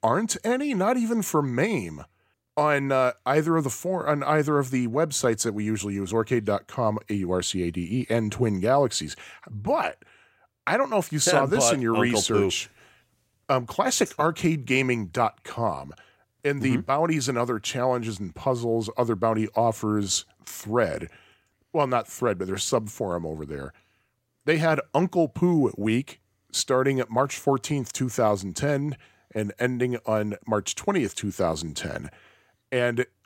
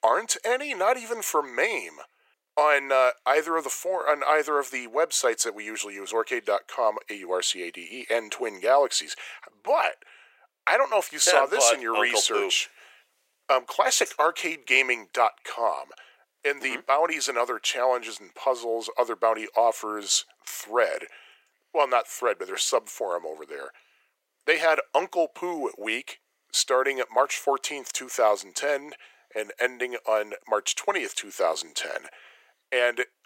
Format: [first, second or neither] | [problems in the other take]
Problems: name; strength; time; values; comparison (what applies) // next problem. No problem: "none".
first | thin; very; fading below 450 Hz